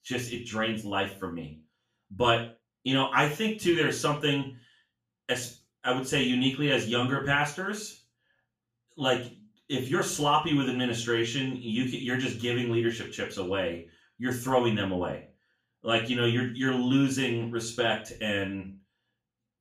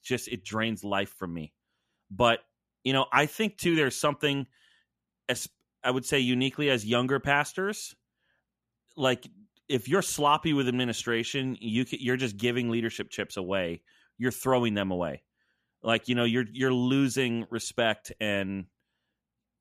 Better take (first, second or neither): second